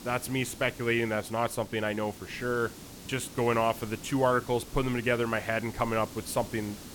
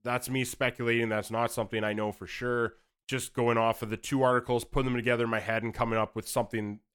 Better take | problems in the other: second | hiss; noticeable; throughout; 15 dB below the speech

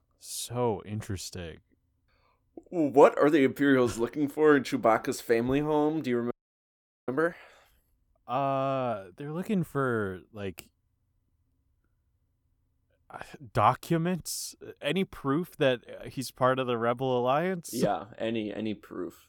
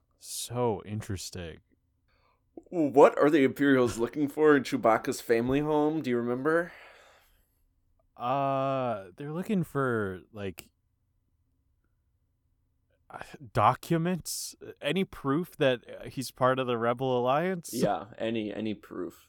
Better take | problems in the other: second | audio freezing; at 6.5 s for 1 s

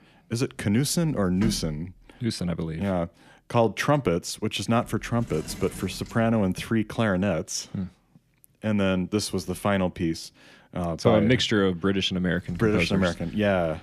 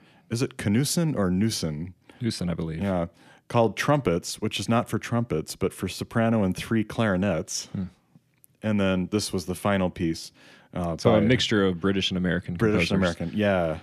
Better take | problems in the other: second | household noises; noticeable; throughout; 15 dB below the speech

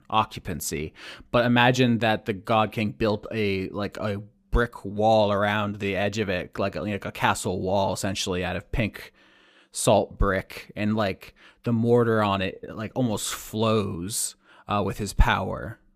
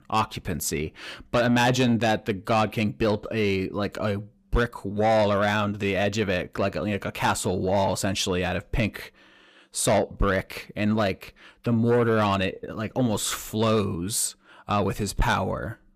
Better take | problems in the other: first | distortion; slight; 10 dB below the speech

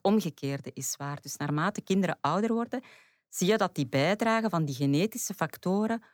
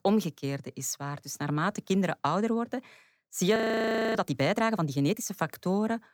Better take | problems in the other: first | audio freezing; at 3.5 s for 0.5 s

